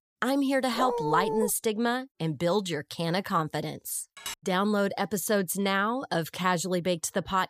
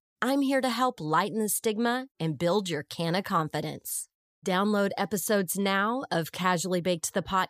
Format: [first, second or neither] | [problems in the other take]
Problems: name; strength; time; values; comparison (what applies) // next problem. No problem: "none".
second | dog barking; noticeable; at 0.5 s; peak 2 dB below the speech // clattering dishes; noticeable; at 4 s; peak 10 dB below the speech